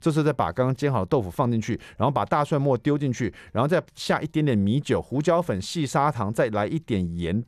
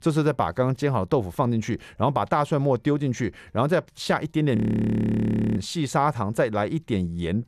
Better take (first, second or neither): first